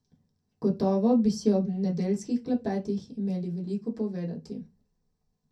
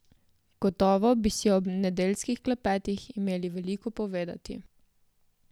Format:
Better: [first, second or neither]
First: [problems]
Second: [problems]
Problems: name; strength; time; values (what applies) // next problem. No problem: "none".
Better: second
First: room echo; dies away in 0.3 s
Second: none